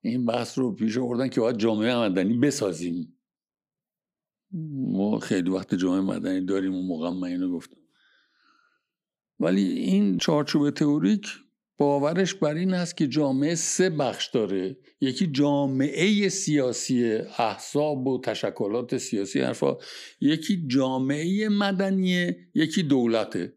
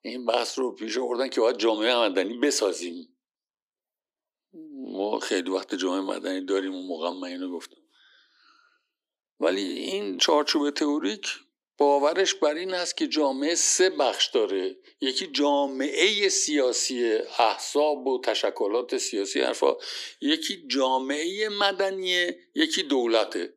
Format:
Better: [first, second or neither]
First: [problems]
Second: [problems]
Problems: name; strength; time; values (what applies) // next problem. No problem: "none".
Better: first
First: none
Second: thin; somewhat; fading below 300 Hz